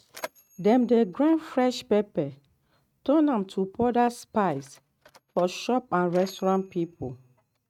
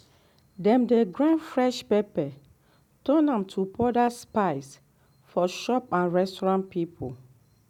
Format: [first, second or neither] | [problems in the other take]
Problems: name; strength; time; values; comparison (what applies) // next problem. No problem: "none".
second | noise reduction (neural mask model RNNoise)